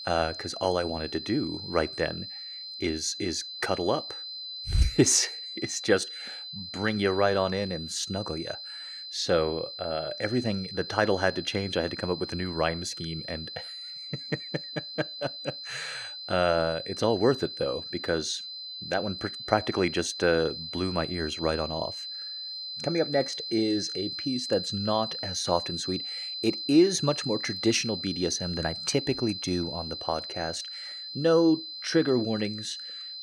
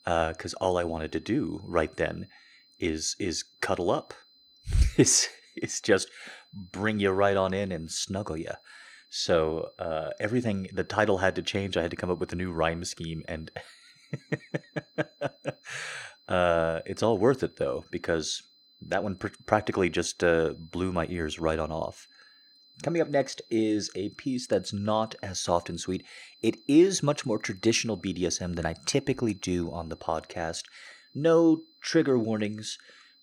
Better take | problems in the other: second | high-pitched whine; loud; throughout; 4 kHz, 7 dB below the speech; faint in the second

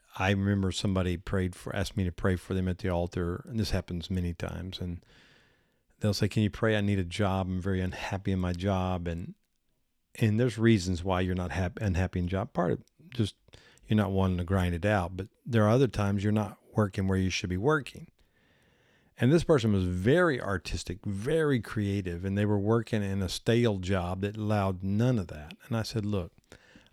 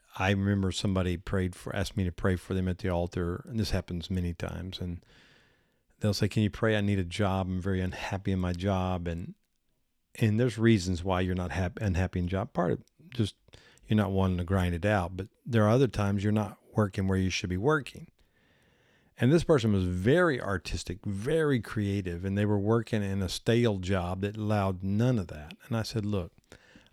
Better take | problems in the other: neither | none

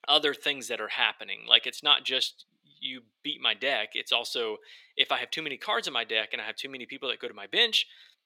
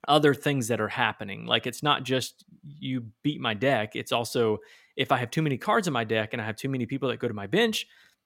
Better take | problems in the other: second | thin; somewhat; fading below 450 Hz

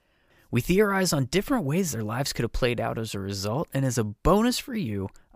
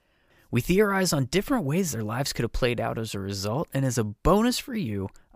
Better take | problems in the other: neither | none

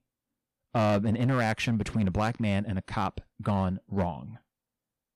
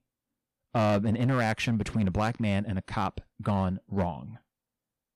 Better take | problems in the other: neither | distortion; slight; 5% of the sound clipped; the same in both

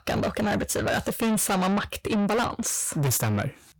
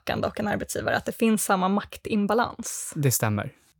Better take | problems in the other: second | distortion; heavy; 6 dB below the speech

